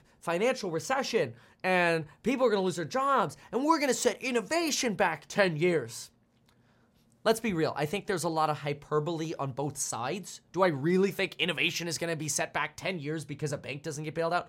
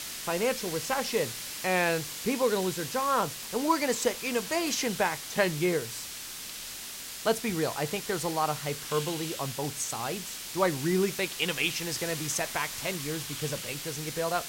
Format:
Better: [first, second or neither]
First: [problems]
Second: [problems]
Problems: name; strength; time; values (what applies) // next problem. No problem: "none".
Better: first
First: none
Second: hiss; loud; throughout; 6 dB below the speech